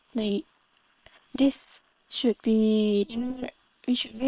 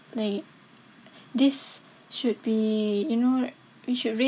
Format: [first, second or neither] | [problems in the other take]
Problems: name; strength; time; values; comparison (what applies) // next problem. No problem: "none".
second | noise reduction (neural separator model SepFormer WHAM!)